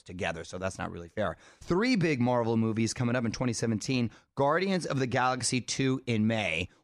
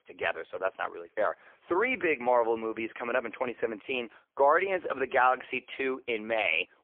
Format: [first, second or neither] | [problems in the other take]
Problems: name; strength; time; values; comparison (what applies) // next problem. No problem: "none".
first | phone-call audio; poor line